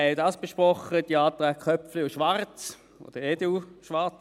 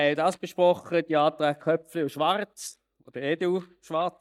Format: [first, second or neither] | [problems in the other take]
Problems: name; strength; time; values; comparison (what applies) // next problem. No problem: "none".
first | noise reduction (neural mask model DeepFilterNet 3)